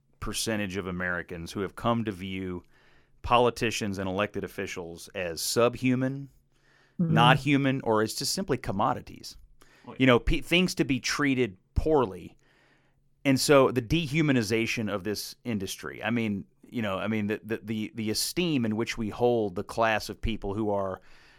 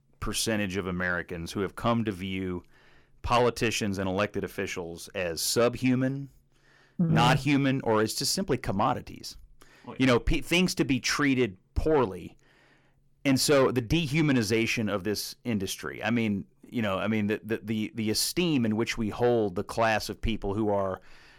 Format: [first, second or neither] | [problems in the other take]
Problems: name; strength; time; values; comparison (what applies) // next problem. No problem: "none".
first | distortion; slight; 10 dB below the speech